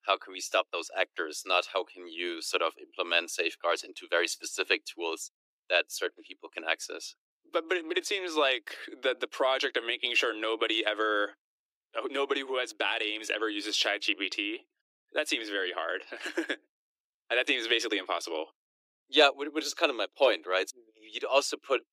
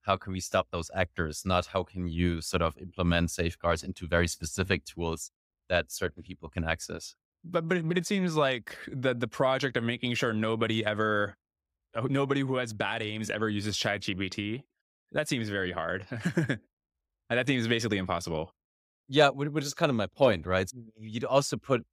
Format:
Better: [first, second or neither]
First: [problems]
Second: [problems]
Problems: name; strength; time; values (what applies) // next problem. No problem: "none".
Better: second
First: thin; very; fading below 300 Hz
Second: none